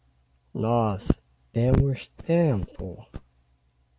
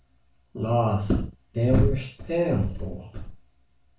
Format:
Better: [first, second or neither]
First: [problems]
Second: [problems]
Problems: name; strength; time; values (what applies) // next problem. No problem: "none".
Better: first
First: none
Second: room echo; dies away in 0.3 s